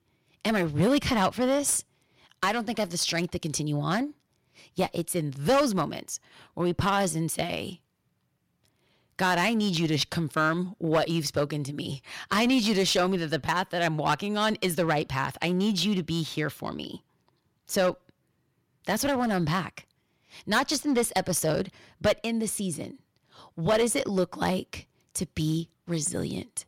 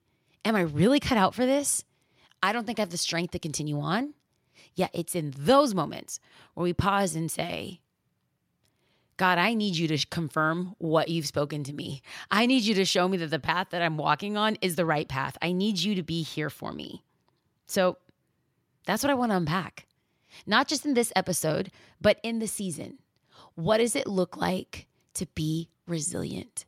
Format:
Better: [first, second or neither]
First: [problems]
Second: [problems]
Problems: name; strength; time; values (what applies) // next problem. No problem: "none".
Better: second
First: distortion; slight; 5% of the sound clipped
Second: none